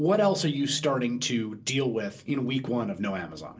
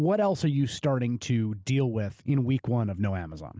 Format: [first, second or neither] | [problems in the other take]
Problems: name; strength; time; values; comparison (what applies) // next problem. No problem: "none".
second | room echo; dies away in 0.2 s